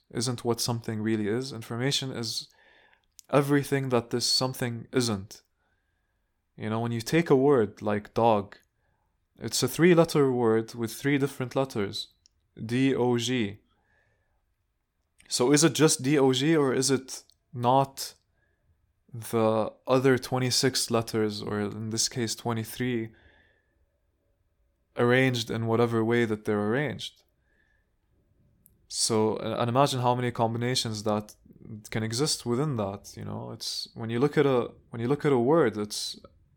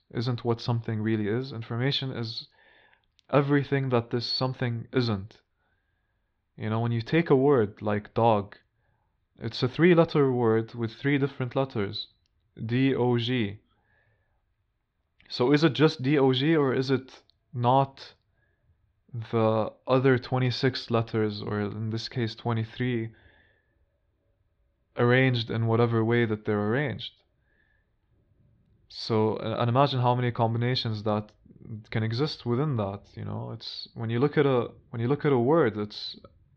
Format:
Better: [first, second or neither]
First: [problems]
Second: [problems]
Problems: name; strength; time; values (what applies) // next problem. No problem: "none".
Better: first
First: none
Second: muffled; very slightly; fading above 4 kHz